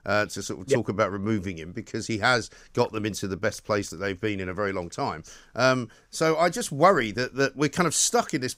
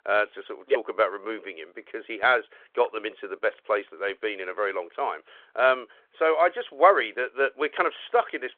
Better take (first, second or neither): first